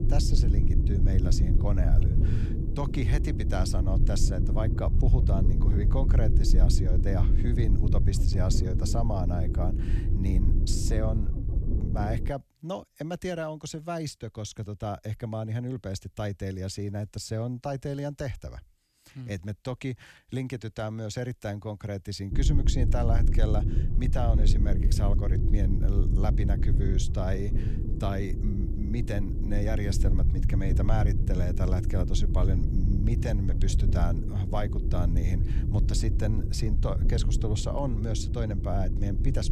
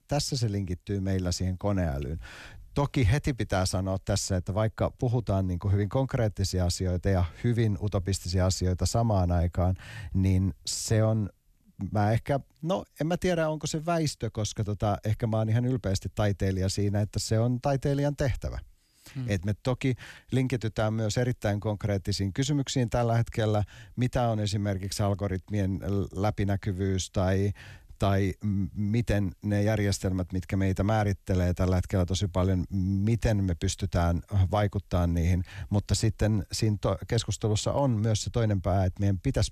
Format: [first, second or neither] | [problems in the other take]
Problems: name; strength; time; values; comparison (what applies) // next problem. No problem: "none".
second | low rumble; loud; until 12 s and from 22 s on; 5 dB below the speech